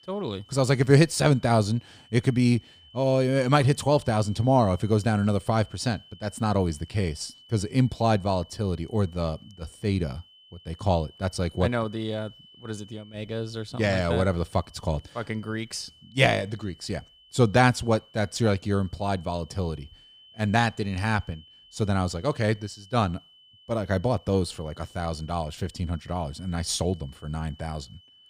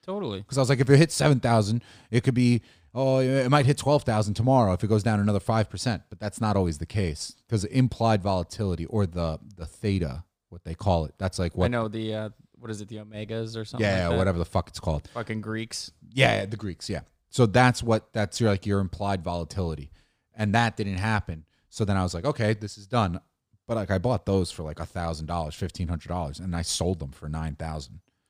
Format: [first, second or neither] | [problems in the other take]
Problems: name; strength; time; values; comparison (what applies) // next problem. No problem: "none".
second | high-pitched whine; faint; throughout; 3 kHz, 25 dB below the speech